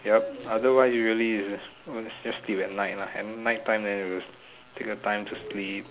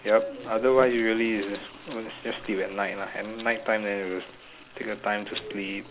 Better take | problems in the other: first | background sound (Rattle + Toilet flush / Water); 18 dB below the speech

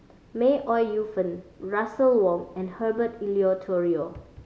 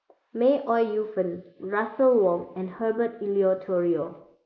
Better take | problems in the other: first | noise reduction (neural mask model Resemble Enhance denoiser)

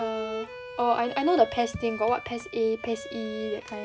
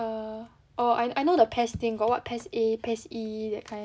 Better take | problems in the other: second | background sound (Bowed string instrument); 11 dB below the speech

